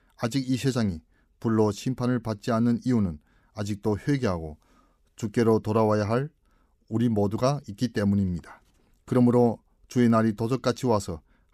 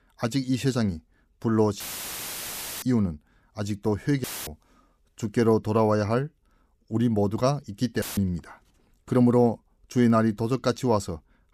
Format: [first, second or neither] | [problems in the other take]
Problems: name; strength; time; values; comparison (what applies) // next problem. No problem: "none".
first | audio cutting out; filled with static; at 2 s for 1 s, at 4 s and at 8 s